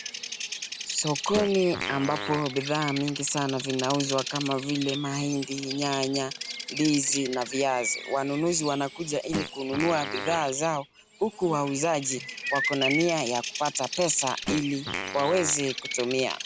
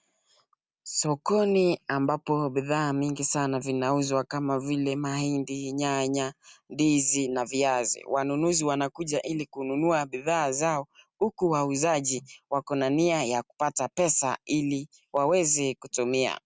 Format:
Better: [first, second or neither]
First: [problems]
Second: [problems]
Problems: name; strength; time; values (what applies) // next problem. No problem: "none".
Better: second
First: background sound (Bird vocalization, bird call, bird song + Fart); 7 dB below the speech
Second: none